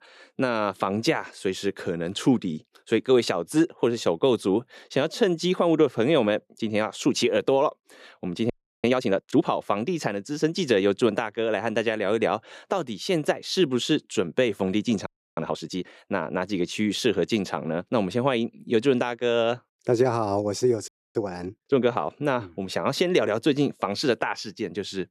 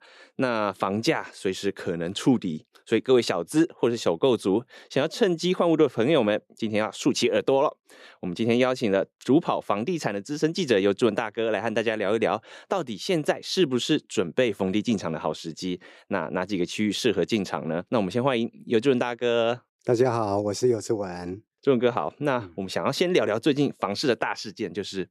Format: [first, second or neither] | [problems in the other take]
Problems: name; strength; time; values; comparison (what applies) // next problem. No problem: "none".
second | audio freezing; at 8.5 s, at 15 s and at 21 s